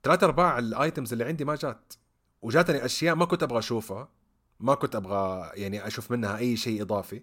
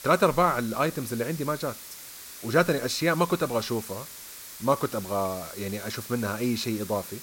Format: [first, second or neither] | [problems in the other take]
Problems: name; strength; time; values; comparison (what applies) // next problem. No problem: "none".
first | hiss; noticeable; throughout; 15 dB below the speech